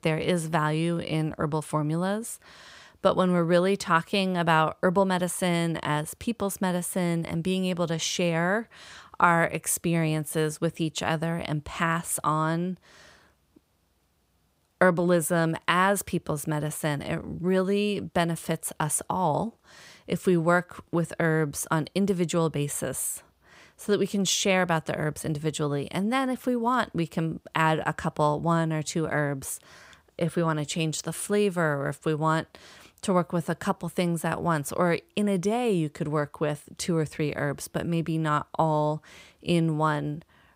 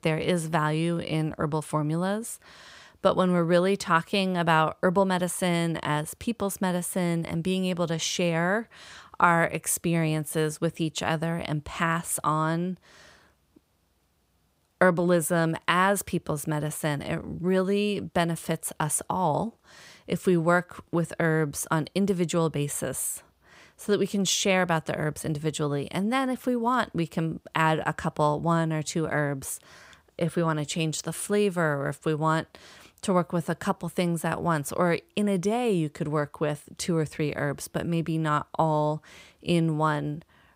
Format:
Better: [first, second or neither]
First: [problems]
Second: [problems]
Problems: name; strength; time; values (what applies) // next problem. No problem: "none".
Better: neither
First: none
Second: none